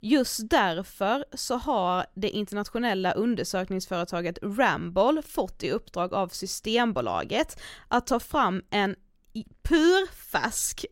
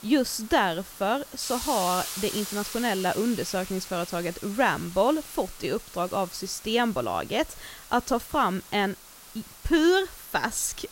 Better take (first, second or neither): first